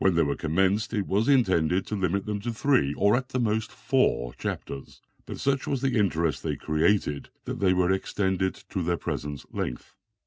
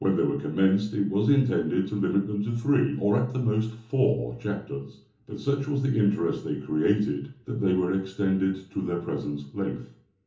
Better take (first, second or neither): first